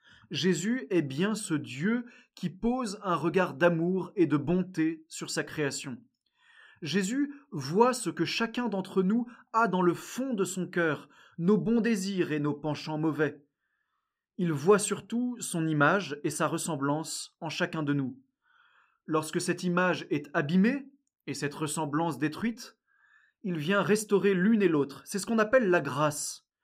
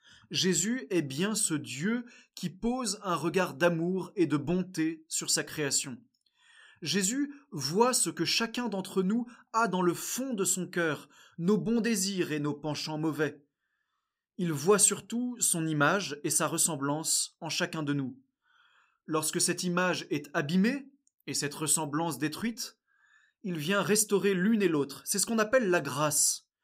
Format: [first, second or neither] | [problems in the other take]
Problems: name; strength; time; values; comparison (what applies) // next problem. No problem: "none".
second | muffled; slightly; fading above 3.5 kHz